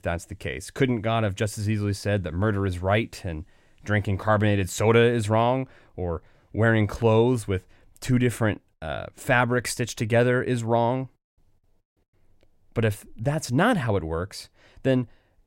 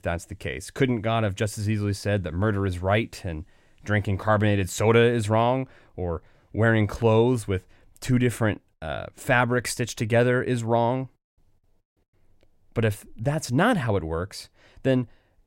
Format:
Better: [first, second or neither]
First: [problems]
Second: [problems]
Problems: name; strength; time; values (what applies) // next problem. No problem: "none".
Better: neither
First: none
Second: none